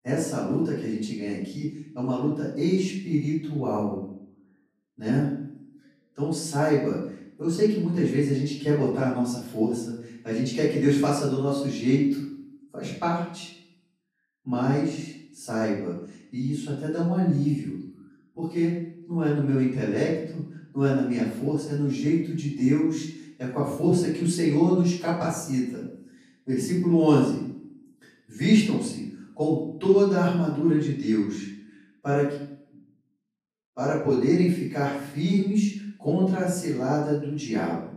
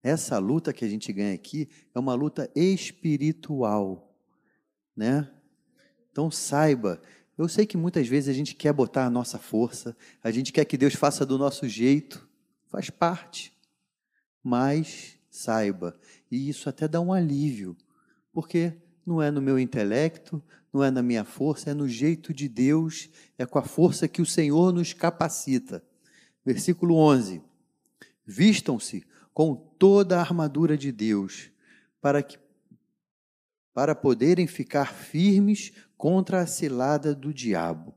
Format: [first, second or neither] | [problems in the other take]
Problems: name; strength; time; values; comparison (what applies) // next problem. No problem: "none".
second | off-mic speech; far // room echo; noticeable; dies away in 0.6 s